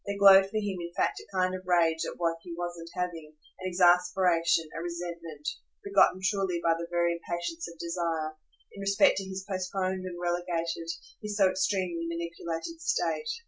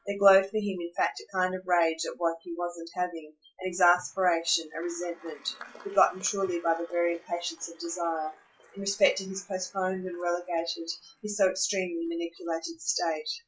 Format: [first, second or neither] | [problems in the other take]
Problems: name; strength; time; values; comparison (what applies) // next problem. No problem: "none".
first | noise reduction (classical method log-MMSE)